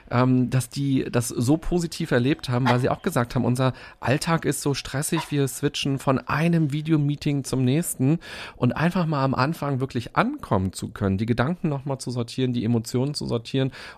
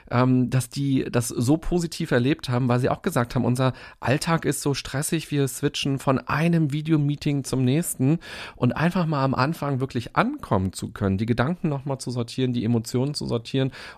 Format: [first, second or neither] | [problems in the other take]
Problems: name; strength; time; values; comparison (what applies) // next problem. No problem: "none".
second | animal sounds; very faint; throughout; 9 dB below the speech